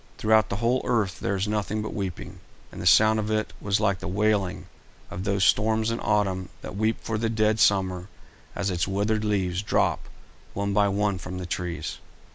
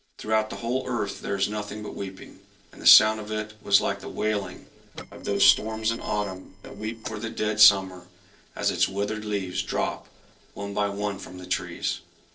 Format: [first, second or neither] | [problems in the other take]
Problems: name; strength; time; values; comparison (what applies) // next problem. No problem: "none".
first | noise reduction (neural separator model SepFormer DNS4)